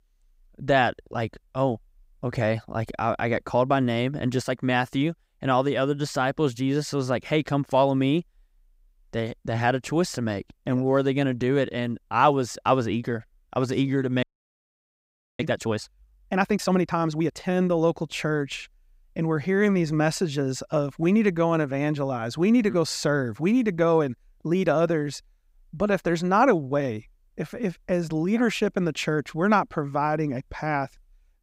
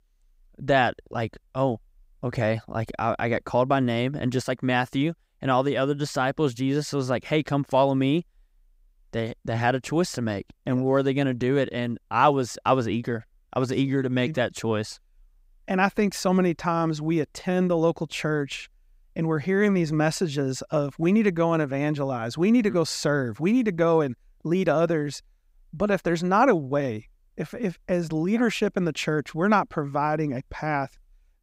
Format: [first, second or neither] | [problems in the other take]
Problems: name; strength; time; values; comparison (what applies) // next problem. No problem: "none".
second | audio freezing; at 14 s for 1 s